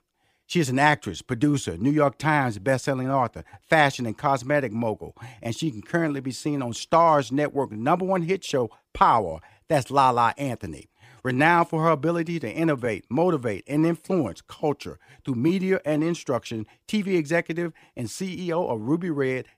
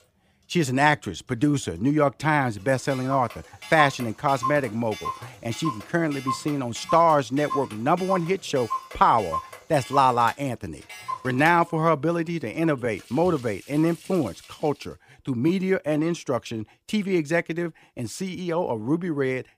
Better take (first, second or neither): first